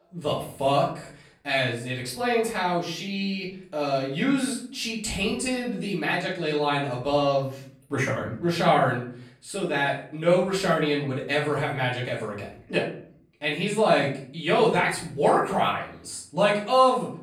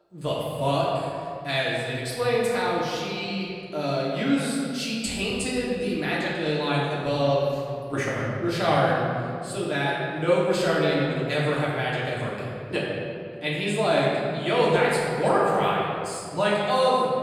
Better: first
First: room echo; slight; dies away in 0.5 s // off-mic speech; far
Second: room echo; strong; dies away in 2.3 s // off-mic speech; far

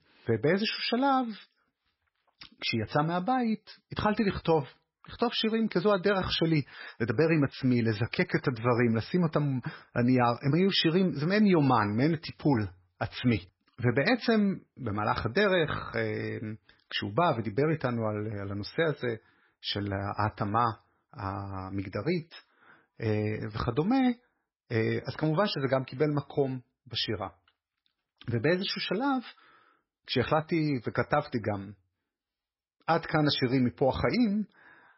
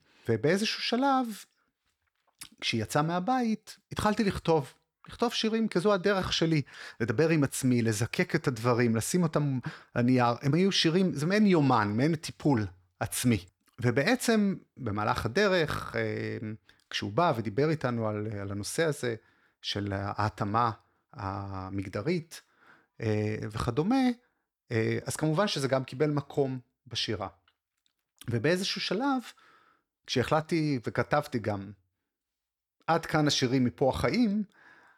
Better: second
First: garbled, watery; badly; nothing above 5.5 kHz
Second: none

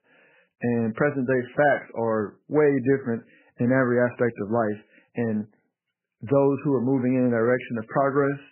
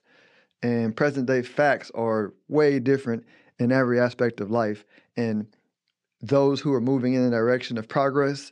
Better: second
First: garbled, watery; badly; nothing above 2.5 kHz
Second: none

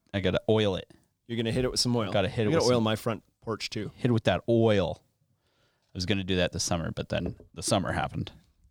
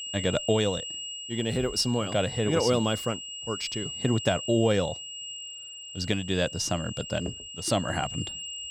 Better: first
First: none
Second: high-pitched whine; loud; throughout; 3 kHz, 8 dB below the speech

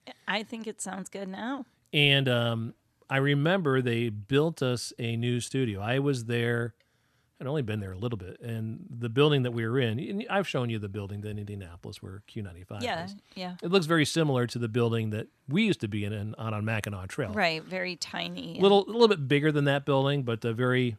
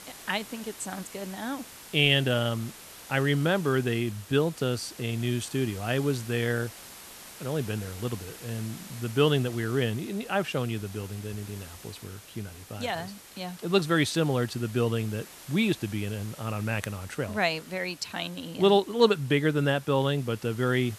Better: first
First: none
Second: hiss; noticeable; throughout; 15 dB below the speech

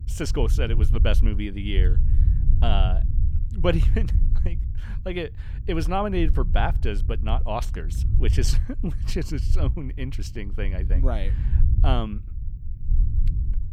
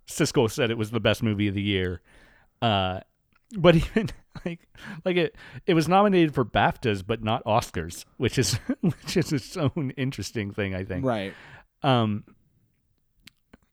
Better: second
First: low rumble; noticeable; throughout; 15 dB below the speech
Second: none

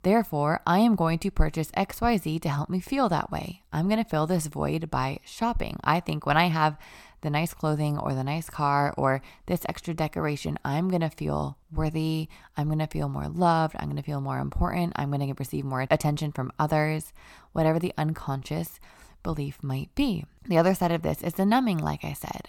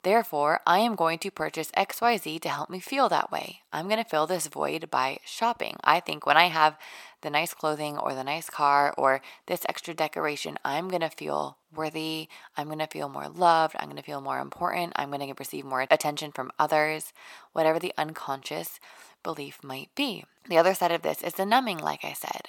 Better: first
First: none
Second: thin; somewhat; fading below 450 Hz

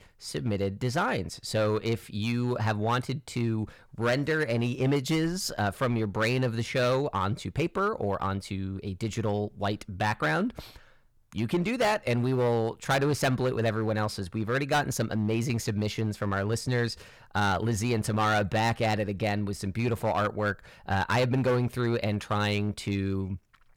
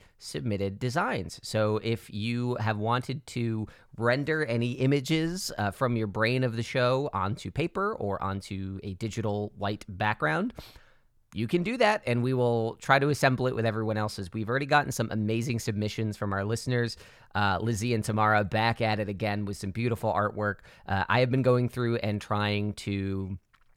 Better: second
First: distortion; slight; 7% of the sound clipped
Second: none

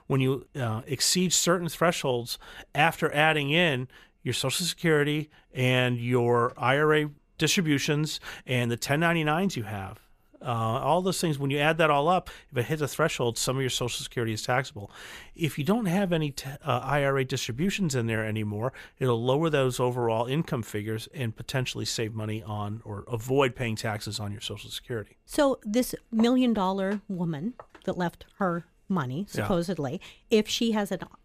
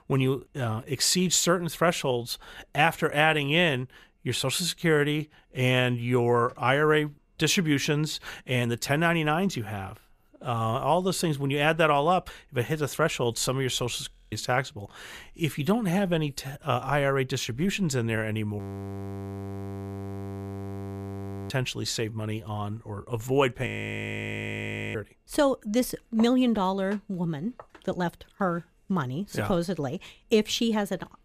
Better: first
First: none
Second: audio freezing; at 14 s, at 19 s for 3 s and at 24 s for 1.5 s

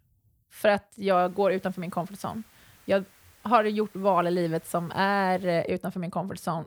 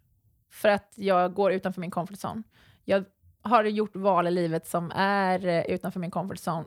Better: second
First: hiss; faint; from 1 to 5.5 s; 30 dB below the speech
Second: none

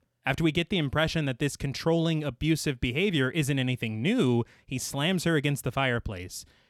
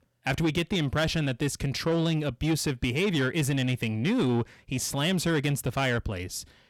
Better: first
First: none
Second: distortion; slight; 10 dB below the speech

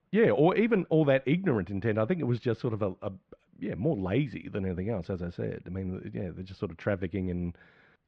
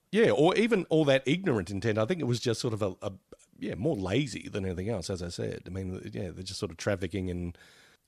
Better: second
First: muffled; very; fading above 2.5 kHz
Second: none

